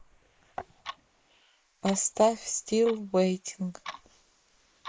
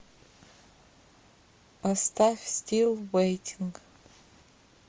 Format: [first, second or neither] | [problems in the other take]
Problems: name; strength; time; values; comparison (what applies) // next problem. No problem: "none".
second | noise reduction (neural mask model Resemble Enhance denoiser)